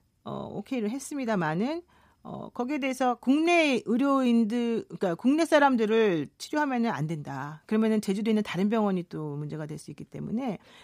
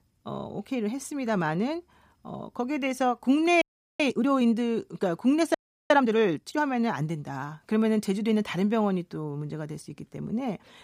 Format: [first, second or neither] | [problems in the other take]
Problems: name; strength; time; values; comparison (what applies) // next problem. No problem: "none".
first | audio freezing; at 3.5 s and at 5.5 s